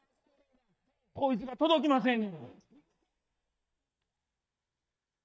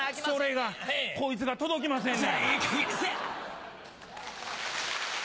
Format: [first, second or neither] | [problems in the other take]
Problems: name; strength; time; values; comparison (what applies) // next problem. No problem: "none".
second | noise reduction (neural mask model DeepFilterNet 3)